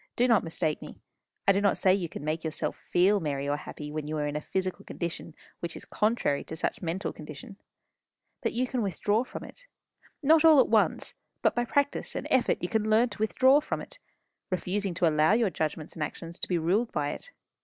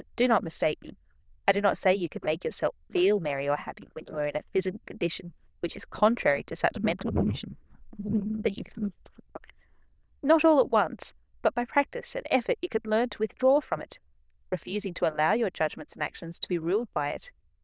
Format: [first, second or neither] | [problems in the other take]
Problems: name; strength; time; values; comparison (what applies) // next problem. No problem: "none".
first | noise reduction (neural diffusion model UNIVERSE++)